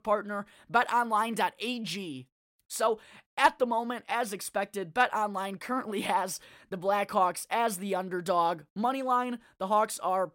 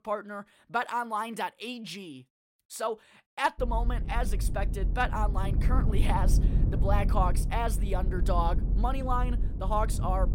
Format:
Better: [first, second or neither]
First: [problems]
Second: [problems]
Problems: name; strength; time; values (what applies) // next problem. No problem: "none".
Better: first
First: none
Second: low rumble; noticeable; from 3.5 s on; 10 dB below the speech